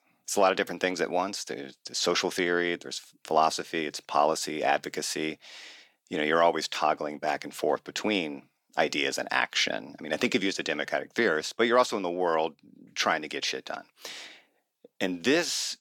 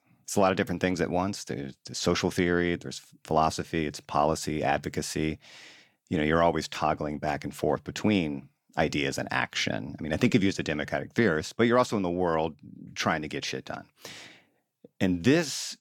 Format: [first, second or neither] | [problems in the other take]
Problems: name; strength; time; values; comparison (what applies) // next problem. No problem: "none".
second | thin; somewhat; fading below 350 Hz